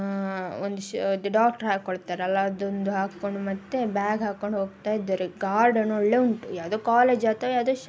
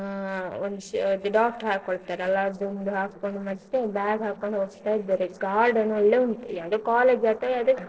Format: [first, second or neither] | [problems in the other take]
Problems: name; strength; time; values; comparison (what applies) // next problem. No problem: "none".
first | noise reduction (neural separator model SepFormer DNS4)